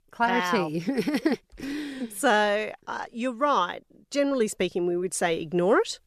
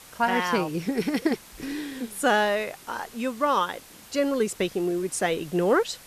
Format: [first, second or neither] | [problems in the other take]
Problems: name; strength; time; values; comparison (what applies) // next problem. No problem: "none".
first | hiss; noticeable; throughout; 20 dB below the speech